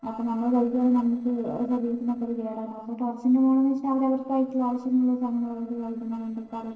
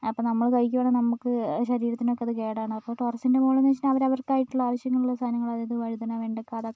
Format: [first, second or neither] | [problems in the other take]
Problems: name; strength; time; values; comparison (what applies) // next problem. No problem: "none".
second | noise reduction (neural separator model SepFormer DNS4)